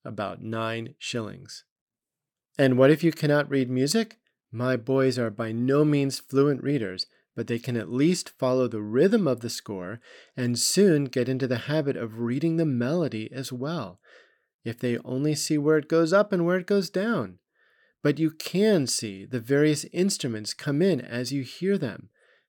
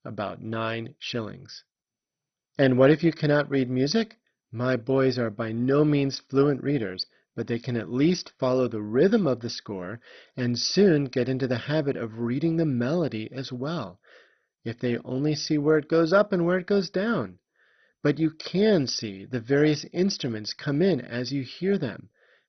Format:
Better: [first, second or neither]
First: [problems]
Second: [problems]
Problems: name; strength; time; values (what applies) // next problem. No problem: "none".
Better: first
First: none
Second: garbled, watery; badly; nothing above 6 kHz